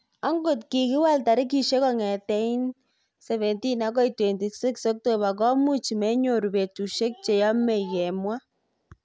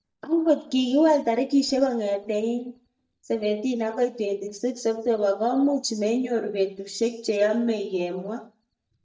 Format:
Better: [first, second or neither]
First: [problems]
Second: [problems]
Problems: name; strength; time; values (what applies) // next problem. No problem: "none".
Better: first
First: none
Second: noise reduction (neural mask model DeepFilterNet 3)